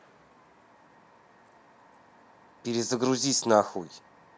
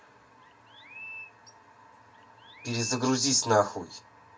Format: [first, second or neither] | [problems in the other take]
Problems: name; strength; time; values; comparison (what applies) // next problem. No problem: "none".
first | background sound (Chirp, tweet); 16 dB below the speech // room echo; dies away in 0.2 s